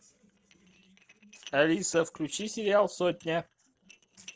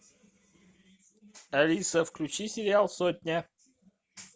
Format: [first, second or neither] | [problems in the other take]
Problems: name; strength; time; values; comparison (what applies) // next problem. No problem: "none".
second | noise reduction (neural separator model SepFormer DNS4)